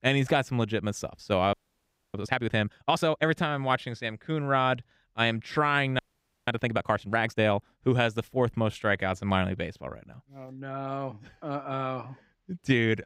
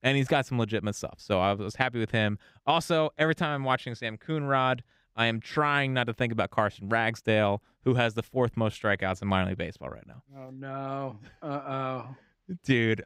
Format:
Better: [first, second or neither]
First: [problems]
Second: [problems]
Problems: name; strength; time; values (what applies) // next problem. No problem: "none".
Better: second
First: audio freezing; at 1.5 s for 0.5 s and at 6 s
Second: none